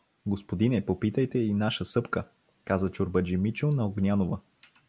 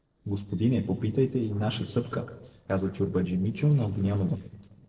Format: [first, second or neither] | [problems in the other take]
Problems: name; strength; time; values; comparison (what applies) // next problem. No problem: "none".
first | noise reduction (neural separator model SepFormer DNS4)